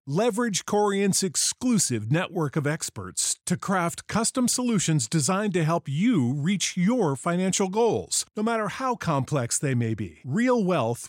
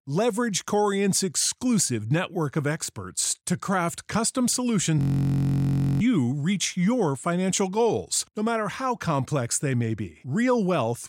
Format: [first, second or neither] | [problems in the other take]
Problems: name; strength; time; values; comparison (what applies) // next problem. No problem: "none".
first | audio freezing; at 5 s for 1 s